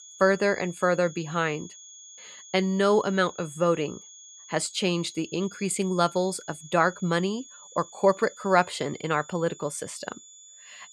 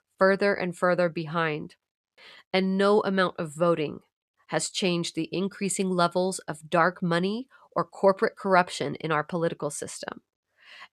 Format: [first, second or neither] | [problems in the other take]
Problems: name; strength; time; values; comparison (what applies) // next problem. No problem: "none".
second | high-pitched whine; noticeable; throughout; 6.5 kHz, 20 dB below the speech